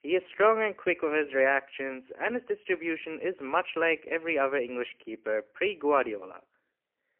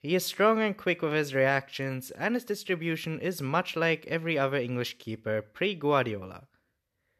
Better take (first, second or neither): second